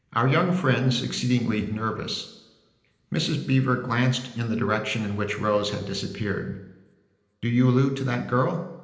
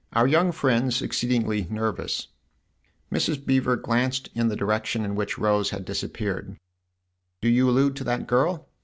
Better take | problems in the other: second | room echo; dies away in 0.9 s

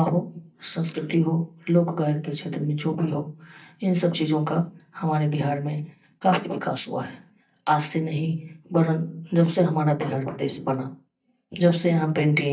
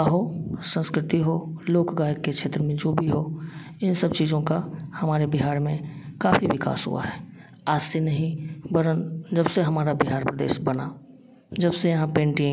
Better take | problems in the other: second | noise reduction (neural mask model DeepFilterNet 3)

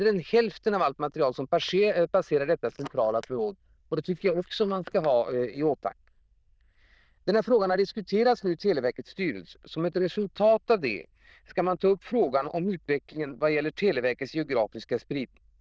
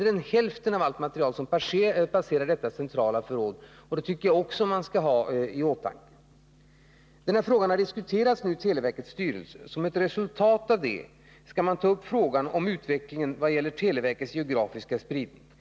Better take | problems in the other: second | noise reduction (neural diffusion model UNIVERSE++)

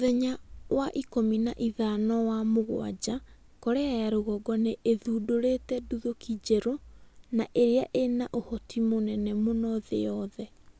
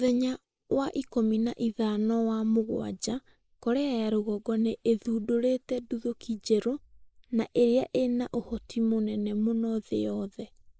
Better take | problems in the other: first | noise reduction (neural mask model Resemble Enhance denoiser)

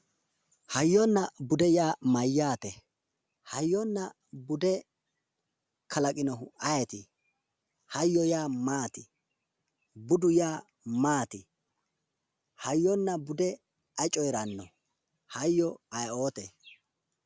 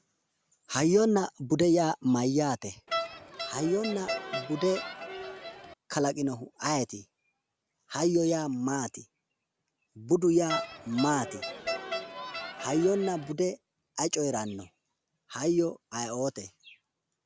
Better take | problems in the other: first | background sound (Crowd); 7 dB below the speech

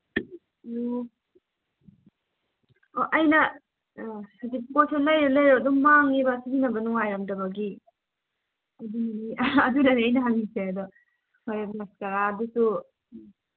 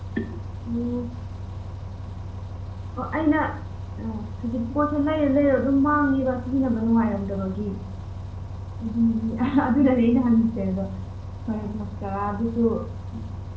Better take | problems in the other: first | background sound (Bus); 9 dB below the speech // room echo; dies away in 0.6 s

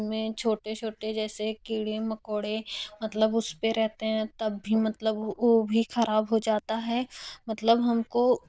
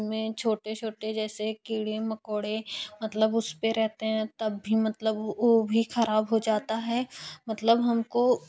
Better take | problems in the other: second | noise reduction (neural diffusion model UNIVERSE++)

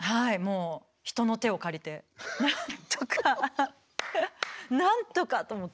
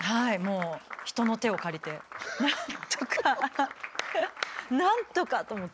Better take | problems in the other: first | background sound (Applause); 13 dB below the speech

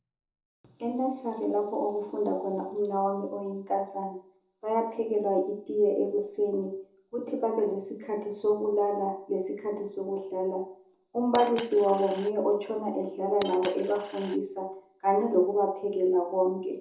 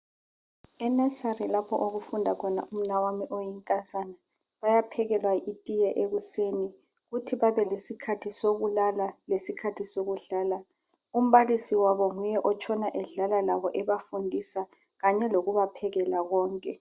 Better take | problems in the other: second | background sound (Coin (dropping)); 14 dB below the speech // room echo; dies away in 0.6 s

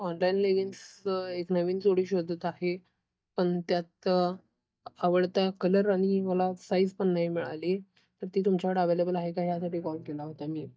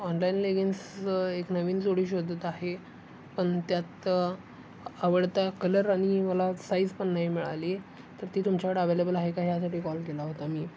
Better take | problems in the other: second | noise reduction (neural mask model DeepFilterNet 3)

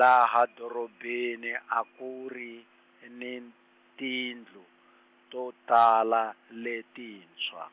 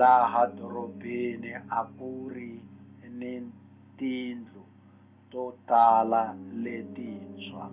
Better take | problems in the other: first | background sound (Piano); 17 dB below the speech // room echo; dies away in 0.3 s

